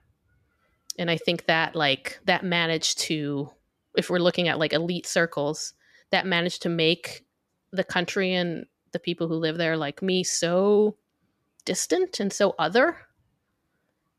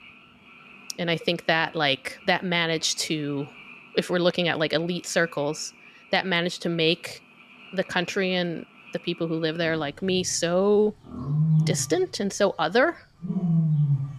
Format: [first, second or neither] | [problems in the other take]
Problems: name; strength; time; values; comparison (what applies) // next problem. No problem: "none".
first | animal sounds; loud; throughout; as loud as the speech